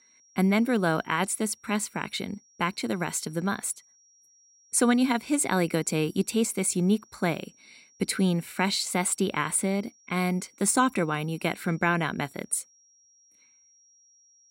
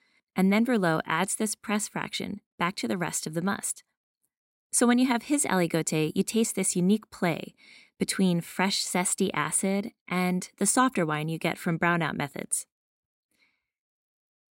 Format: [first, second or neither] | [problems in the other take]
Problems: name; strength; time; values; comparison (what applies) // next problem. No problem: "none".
second | high-pitched whine; faint; throughout; 5.5 kHz, 30 dB below the speech